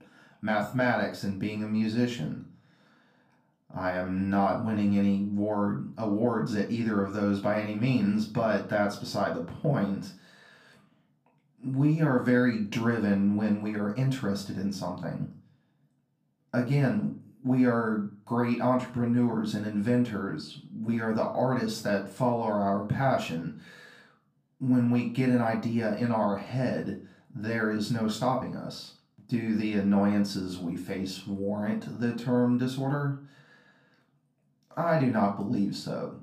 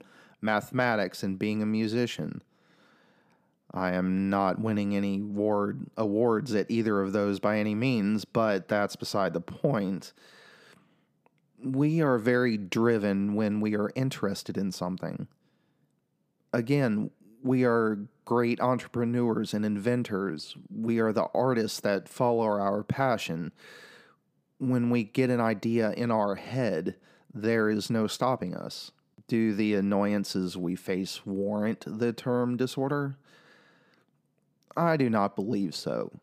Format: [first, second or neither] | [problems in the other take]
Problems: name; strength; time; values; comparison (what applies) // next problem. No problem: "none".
second | off-mic speech; far // room echo; slight; dies away in 0.3 s